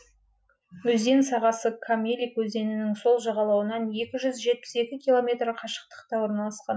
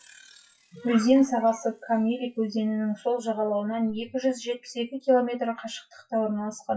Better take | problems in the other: first | noise reduction (classical method WPE with log-MMSE)

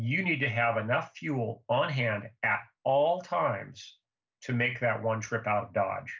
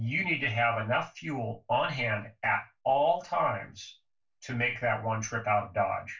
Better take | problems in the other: first | room echo; dies away in 0.1 s

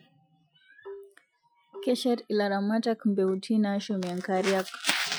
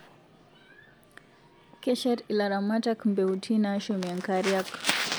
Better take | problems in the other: second | noise reduction (classical method Wiener filter)

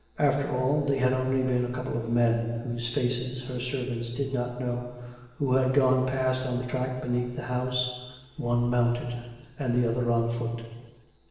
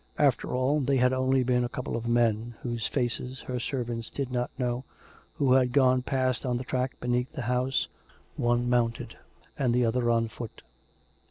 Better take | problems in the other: second | room echo; dies away in 1.2 s

